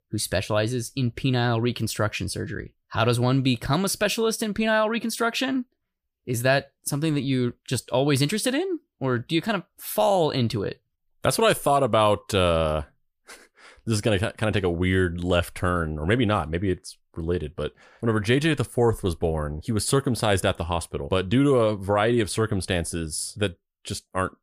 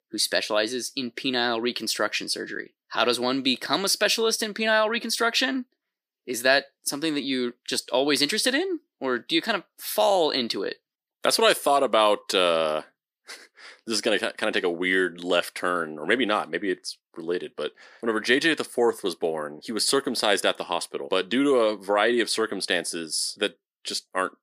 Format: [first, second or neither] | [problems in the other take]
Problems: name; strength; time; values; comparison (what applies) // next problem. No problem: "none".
first | thin; very slightly; fading below 250 Hz